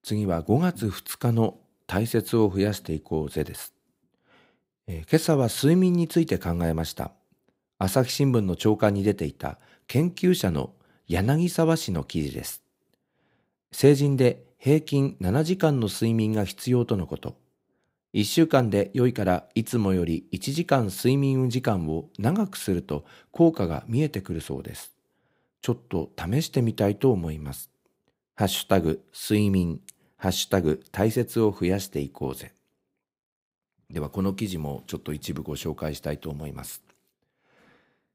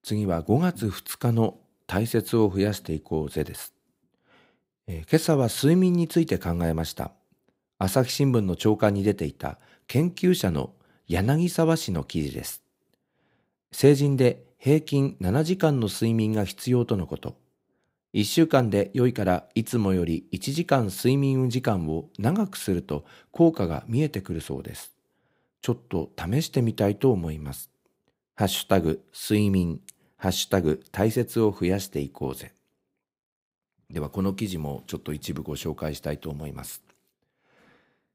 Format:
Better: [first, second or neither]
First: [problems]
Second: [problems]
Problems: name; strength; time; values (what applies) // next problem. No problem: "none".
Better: neither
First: none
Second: none